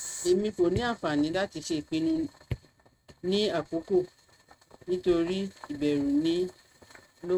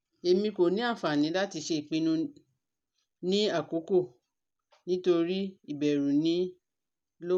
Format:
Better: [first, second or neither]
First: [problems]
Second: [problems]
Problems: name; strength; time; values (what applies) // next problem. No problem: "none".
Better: second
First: noise reduction (neural mask model RNNoise)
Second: none